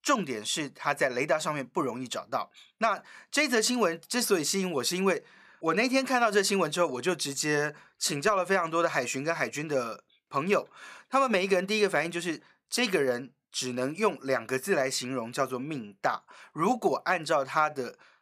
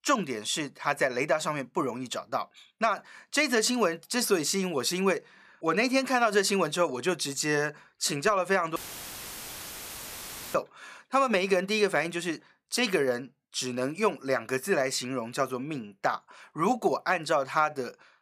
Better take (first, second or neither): first